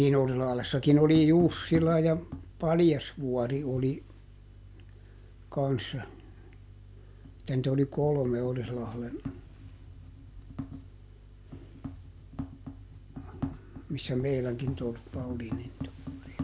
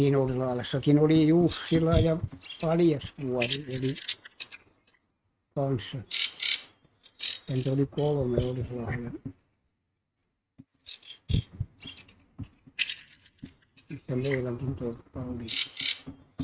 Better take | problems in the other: first | noise reduction (neural mask model RNNoise)

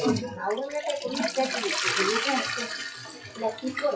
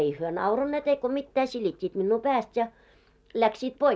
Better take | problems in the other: second | noise reduction (classical method WPE with log-MMSE)

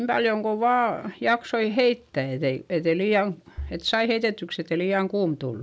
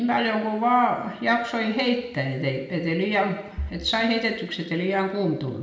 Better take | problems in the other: first | room echo; dies away in 0.9 s

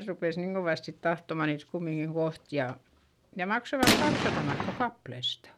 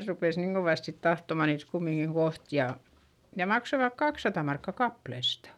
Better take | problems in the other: second | background sound (Gunshot, gunfire); 4 dB above the speech

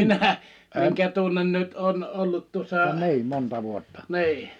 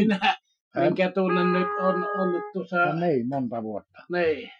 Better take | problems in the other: first | noise reduction (classical method Wiener filter)

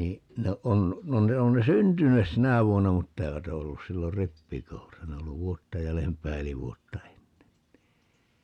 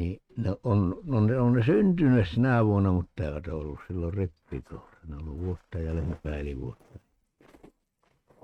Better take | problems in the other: first | noise reduction (neural mask model RNNoise)

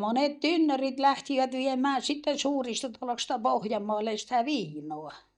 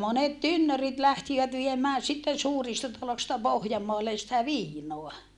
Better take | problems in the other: second | noise reduction (neural mask model DeepFilterNet 3)

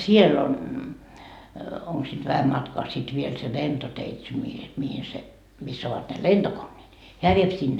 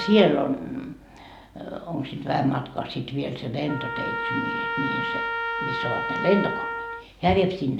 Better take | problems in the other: first | background sound (Trumpet); 6 dB below the speech

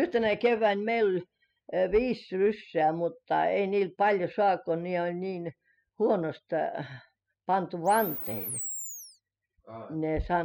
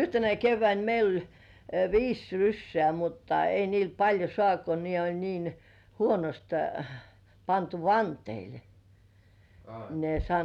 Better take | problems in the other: second | noise reduction (classical method spectral subtraction)

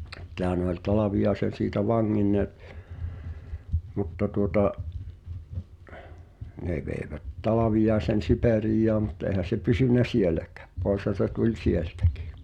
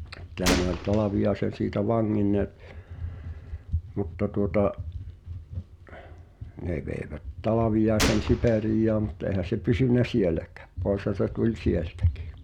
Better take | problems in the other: first | background sound (Gunshot, gunfire); 5 dB below the speech

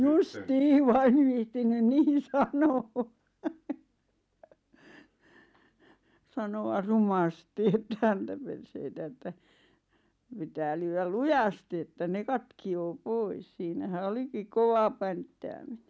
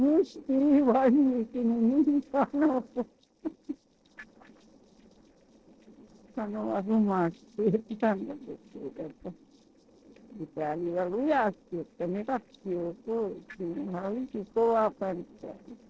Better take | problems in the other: first | noise reduction (neural separator model SepFormer DNS4)

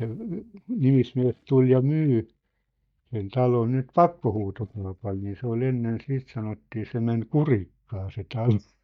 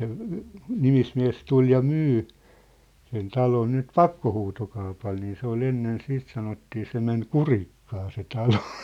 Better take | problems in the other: second | noise reduction (neural mask model DeepFilterNet 3)

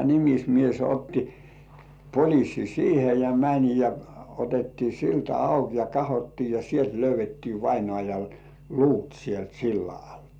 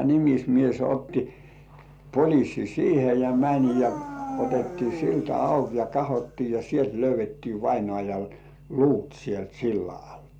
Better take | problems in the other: first | background sound (Dog); 11 dB below the speech

